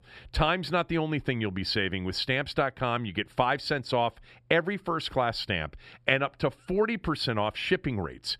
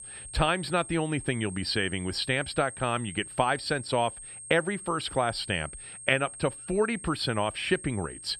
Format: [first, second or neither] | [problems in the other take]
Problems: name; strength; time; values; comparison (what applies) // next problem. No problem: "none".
first | high-pitched whine; noticeable; throughout; 8.5 kHz, 10 dB below the speech